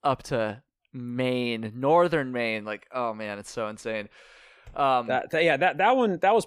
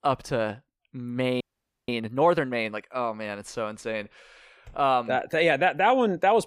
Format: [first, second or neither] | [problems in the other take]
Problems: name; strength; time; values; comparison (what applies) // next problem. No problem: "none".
first | audio freezing; at 1.5 s